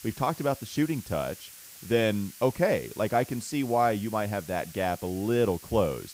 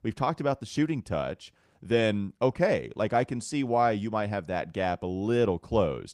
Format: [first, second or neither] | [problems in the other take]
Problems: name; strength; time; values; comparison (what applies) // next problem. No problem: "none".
second | hiss; noticeable; throughout; 15 dB below the speech